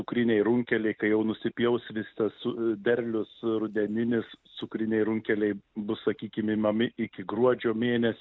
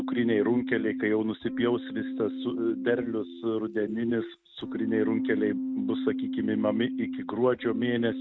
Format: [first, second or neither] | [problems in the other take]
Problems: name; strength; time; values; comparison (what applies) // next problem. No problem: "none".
first | noise reduction (neural mask model RNNoise)